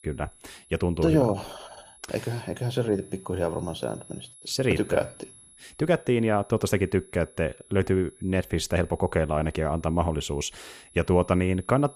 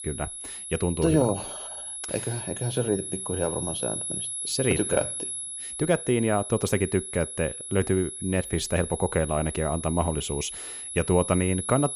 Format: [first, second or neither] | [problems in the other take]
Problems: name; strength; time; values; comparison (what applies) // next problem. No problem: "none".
first | high-pitched whine; loud; throughout; 11 kHz, 6 dB below the speech; faint in the first